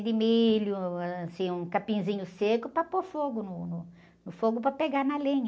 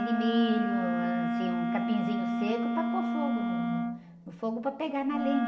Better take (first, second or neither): first